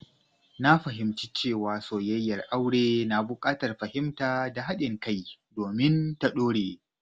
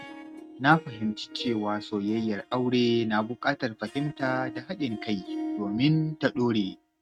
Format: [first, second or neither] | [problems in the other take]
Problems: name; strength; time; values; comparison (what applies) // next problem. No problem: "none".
first | noise reduction (neural mask model RNNoise)